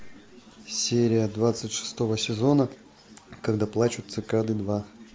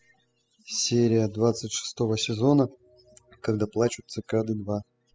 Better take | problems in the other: first | noise reduction (classical method spectral subtraction)

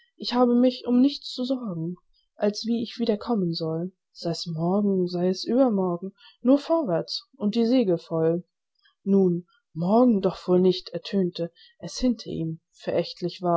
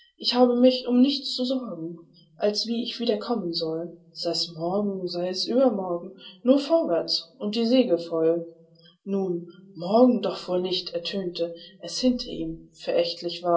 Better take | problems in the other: first | room echo; dies away in 0.2 s

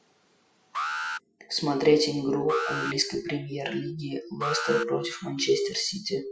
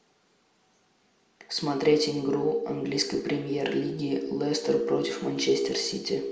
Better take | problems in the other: second | noise reduction (classical method Wiener filter)

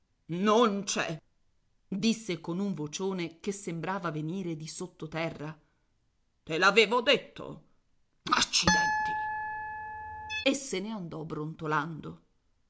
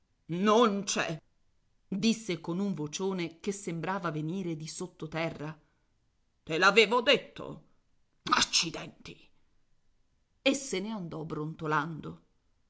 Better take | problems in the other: second | background sound (Harp); 1 dB above the speech

